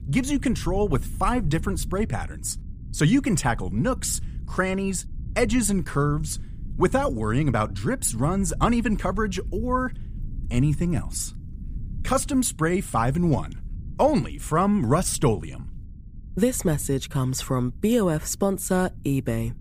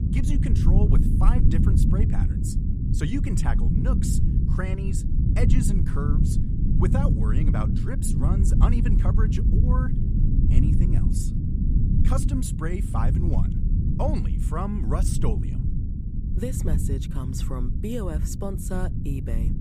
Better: first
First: low rumble; faint; throughout; 25 dB below the speech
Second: low rumble; loud; throughout; 1 dB below the speech

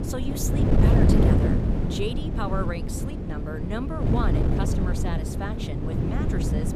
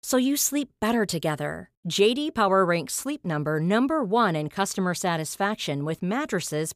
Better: second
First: wind noise on the microphone; heavy; 2 dB above the speech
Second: none

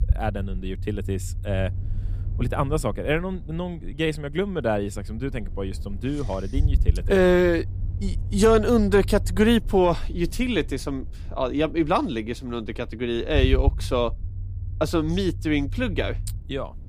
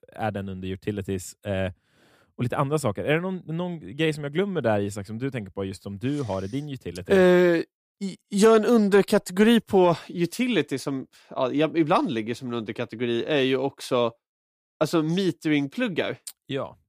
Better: second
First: low rumble; faint; throughout; 20 dB below the speech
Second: none

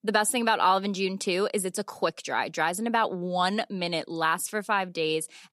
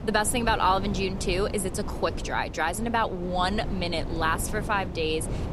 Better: first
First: none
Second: wind noise on the microphone; occasional gusts; 15 dB below the speech

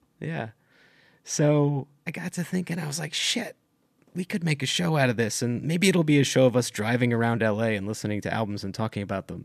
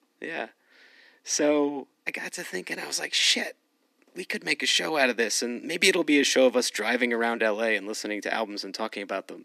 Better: first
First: none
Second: thin; somewhat; fading below 250 Hz

